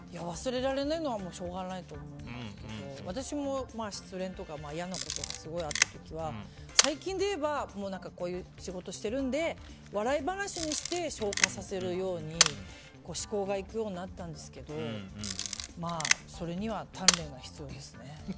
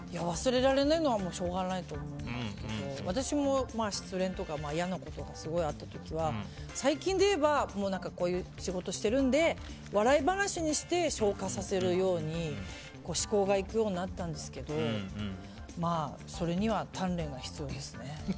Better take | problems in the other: second | background sound (Camera); 3 dB above the speech

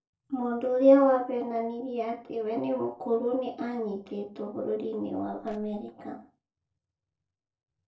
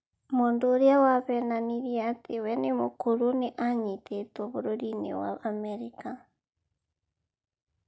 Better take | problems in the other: second | noise reduction (neural separator model SepFormer DNS4)

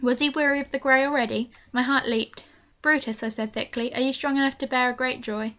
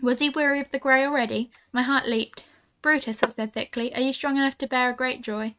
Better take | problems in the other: first | noise reduction (neural mask model RNNoise)

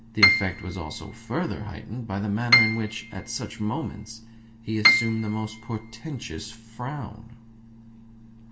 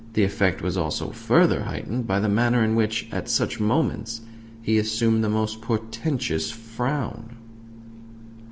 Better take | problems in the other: second | background sound (Piano); 4 dB above the speech // room echo; dies away in 0.2 s

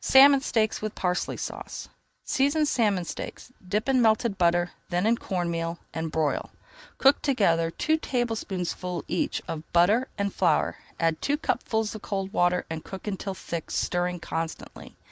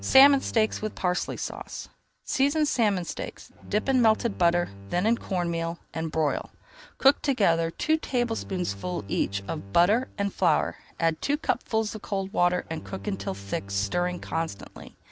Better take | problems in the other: first | background sound (Bowed string instrument); 18 dB below the speech

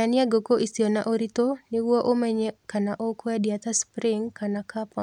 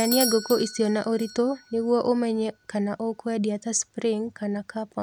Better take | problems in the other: first | background sound (Bell / Doorbell); 12 dB below the speech

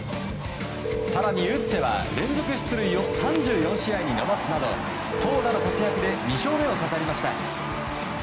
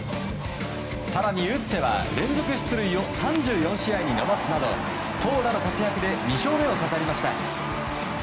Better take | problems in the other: second | background sound (Telephone); 2 dB below the speech

